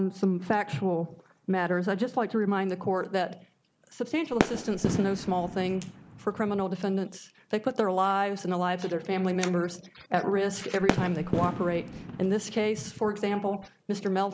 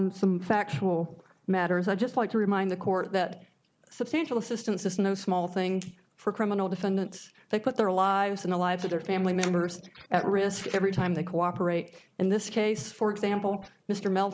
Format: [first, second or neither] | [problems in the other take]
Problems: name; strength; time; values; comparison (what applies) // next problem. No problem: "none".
second | background sound (Fireworks); 5 dB below the speech